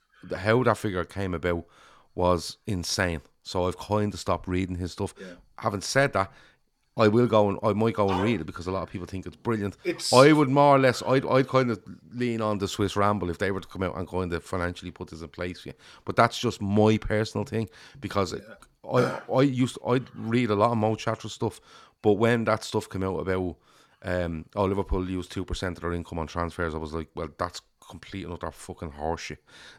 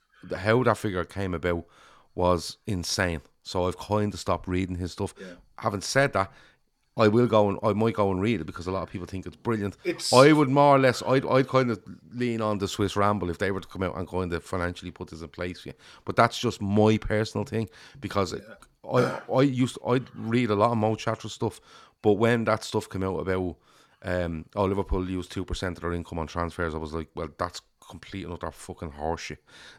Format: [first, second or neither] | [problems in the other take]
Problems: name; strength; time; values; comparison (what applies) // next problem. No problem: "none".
second | dog barking; noticeable; at 8 s; peak 7 dB below the speech